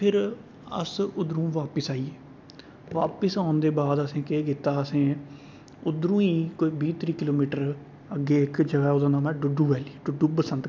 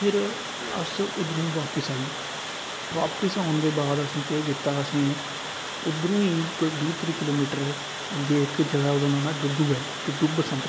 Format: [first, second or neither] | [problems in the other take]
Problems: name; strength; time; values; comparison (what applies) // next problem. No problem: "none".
first | background sound (Water); 7 dB below the speech